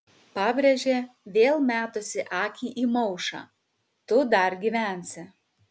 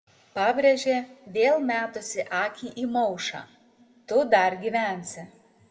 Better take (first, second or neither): first